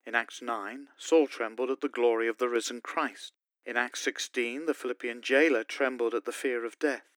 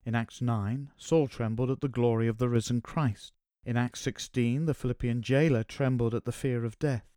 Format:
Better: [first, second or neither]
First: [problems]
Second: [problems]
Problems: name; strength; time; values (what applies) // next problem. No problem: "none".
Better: second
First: thin; very; fading below 300 Hz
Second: none